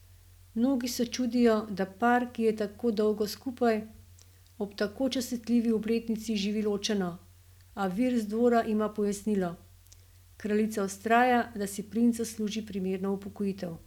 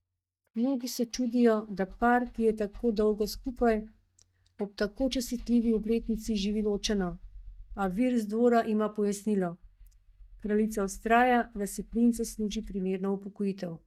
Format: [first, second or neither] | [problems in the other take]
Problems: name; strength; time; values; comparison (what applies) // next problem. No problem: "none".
first | noise reduction (neural mask model DeepFilterNet 3)